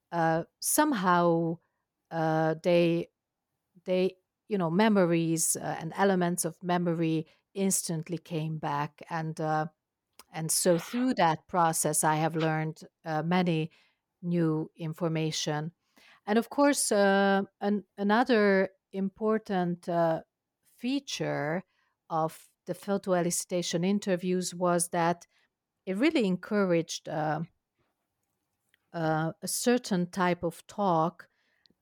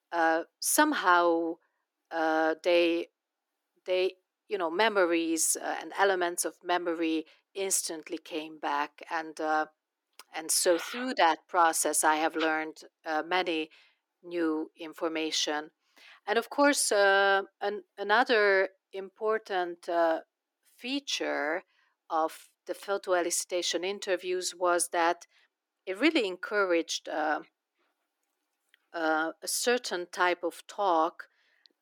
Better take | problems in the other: first | thin; somewhat; fading below 300 Hz

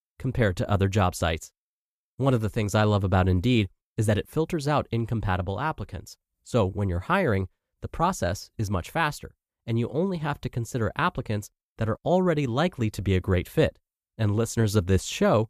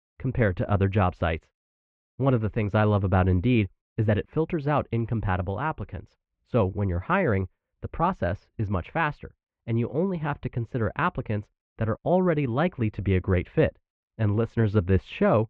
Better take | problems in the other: first | muffled; very; fading above 2.5 kHz

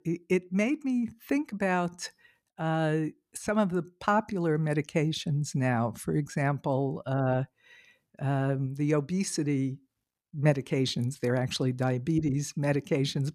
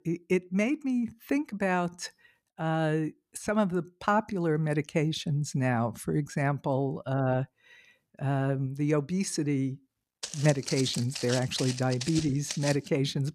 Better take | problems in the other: first | footsteps; noticeable; from 10 s on; peak 5 dB below the speech

